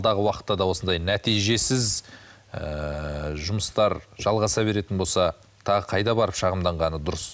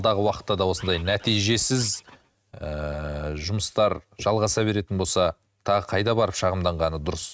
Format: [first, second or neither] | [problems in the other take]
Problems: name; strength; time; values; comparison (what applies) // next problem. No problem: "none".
first | noise reduction (neural mask model RNNoise)